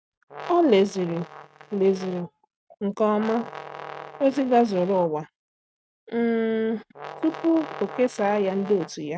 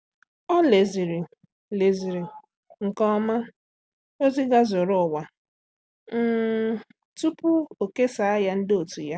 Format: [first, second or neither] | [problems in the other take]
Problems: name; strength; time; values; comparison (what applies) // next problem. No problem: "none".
second | noise reduction (neural mask model RNNoise)